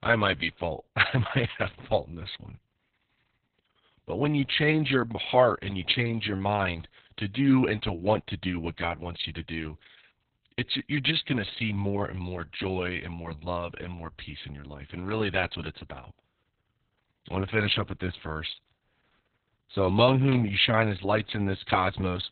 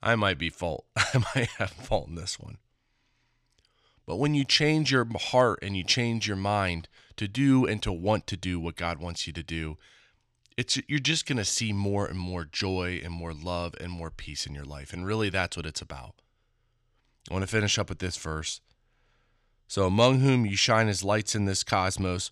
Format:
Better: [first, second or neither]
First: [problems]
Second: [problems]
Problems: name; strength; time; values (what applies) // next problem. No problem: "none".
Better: second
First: garbled, watery; badly; nothing above 4 kHz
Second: none